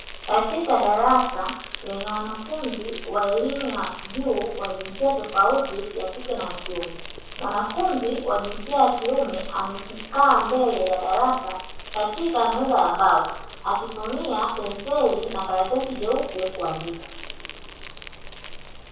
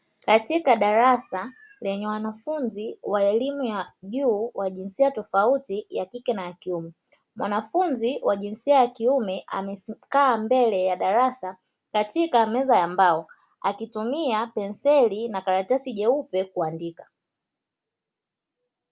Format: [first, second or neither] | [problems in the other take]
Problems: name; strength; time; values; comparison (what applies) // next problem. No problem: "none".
second | background sound (Insect); 12 dB below the speech // room echo; dies away in 0.7 s